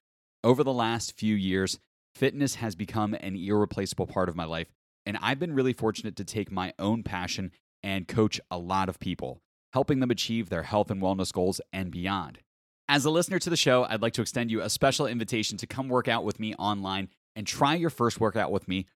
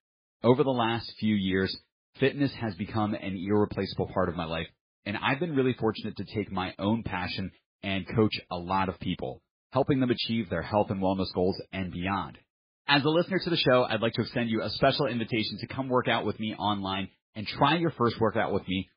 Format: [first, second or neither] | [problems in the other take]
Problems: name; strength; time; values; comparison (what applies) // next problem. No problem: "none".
first | garbled, watery; badly; nothing above 5 kHz